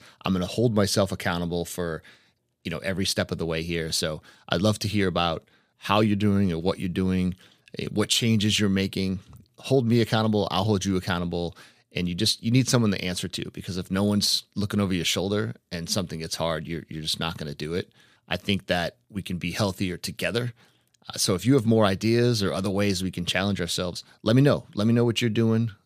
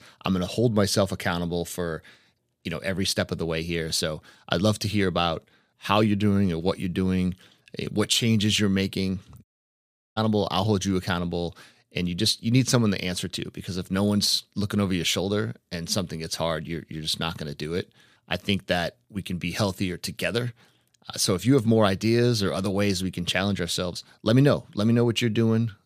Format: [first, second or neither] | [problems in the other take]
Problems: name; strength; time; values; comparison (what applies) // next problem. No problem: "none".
first | audio cutting out; at 9.5 s for 0.5 s